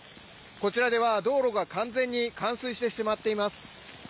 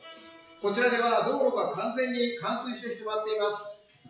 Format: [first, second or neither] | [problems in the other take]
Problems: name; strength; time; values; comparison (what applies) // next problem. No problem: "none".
first | noise reduction (classical method WPE with log-MMSE)